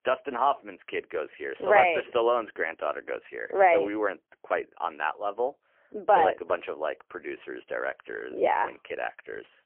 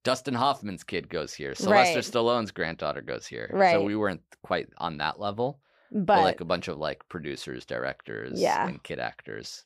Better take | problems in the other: second | phone-call audio; poor line; nothing above 3 kHz

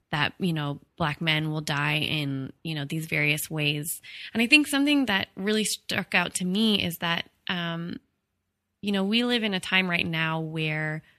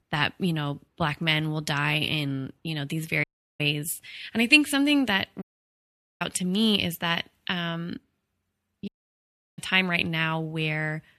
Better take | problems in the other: first | audio cutting out; at 3 s, at 5.5 s for 1 s and at 9 s for 0.5 s

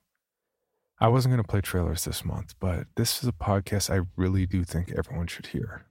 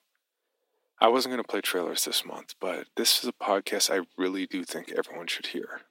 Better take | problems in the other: first | thin; somewhat; fading below 250 Hz

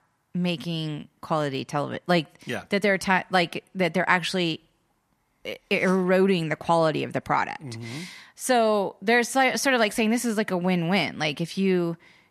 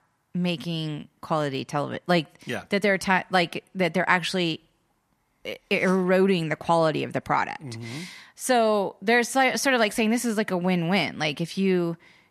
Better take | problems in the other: neither | none

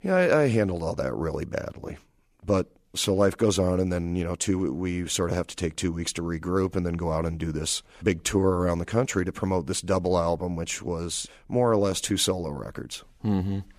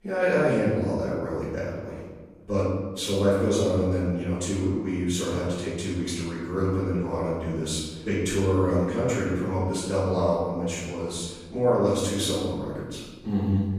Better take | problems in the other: first | off-mic speech; far // room echo; strong; dies away in 1.2 s

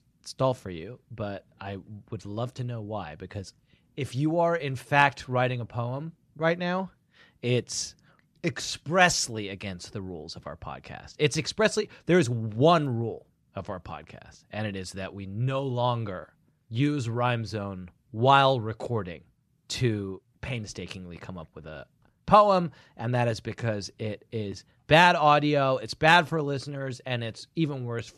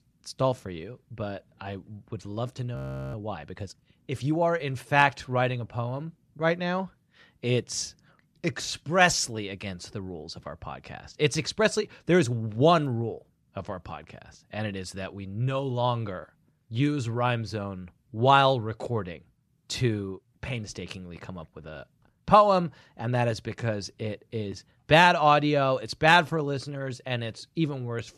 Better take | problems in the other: first | audio freezing; at 3 s

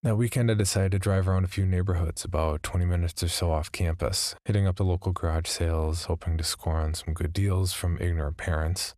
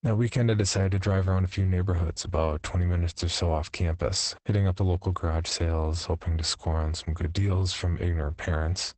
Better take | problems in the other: first | garbled, watery; badly; nothing above 8 kHz

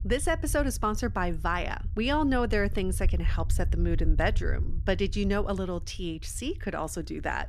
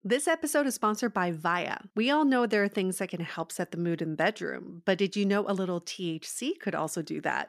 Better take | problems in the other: second | low rumble; faint; throughout; 20 dB below the speech

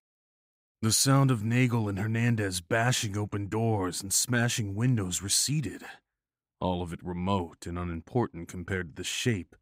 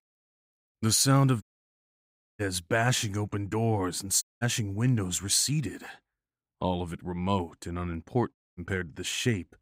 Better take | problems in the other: first | audio cutting out; at 1.5 s for 1 s, at 4 s and at 8.5 s

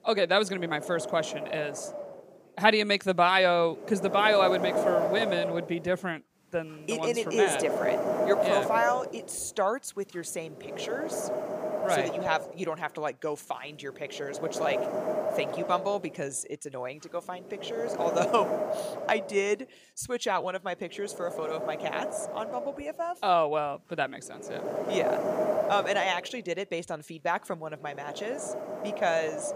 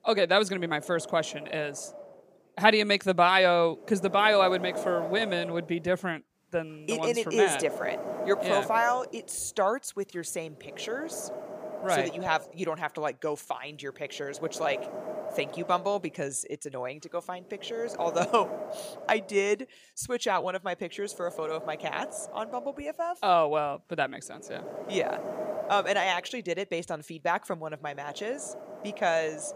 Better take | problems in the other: second | wind noise on the microphone; heavy; 3 dB below the speech; occasional gusts in the second

